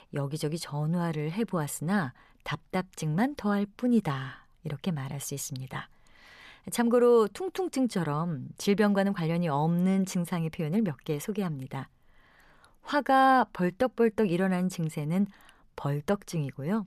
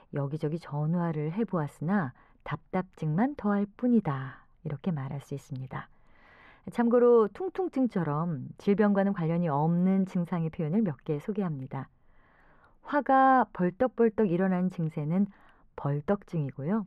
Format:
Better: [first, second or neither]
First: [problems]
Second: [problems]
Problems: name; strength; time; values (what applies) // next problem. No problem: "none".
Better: first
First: none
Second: muffled; very; fading above 3 kHz